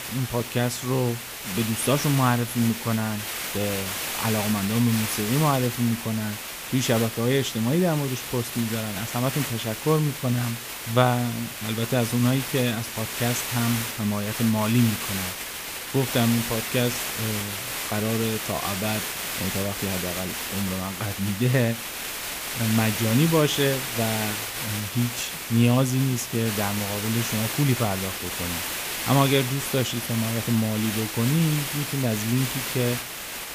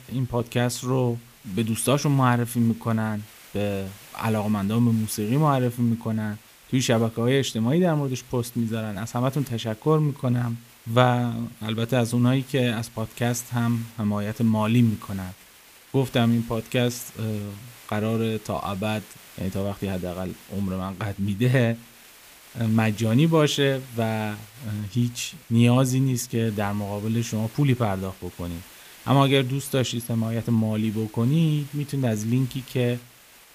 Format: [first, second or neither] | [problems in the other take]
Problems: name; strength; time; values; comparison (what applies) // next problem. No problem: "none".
second | hiss; loud; throughout; 4 dB below the speech; faint in the second